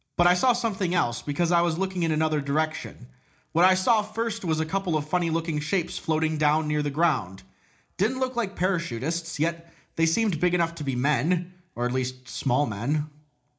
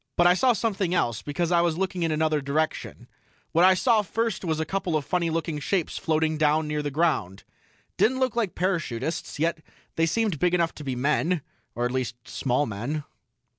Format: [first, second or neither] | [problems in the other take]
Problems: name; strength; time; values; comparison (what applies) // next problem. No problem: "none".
second | room echo; dies away in 0.4 s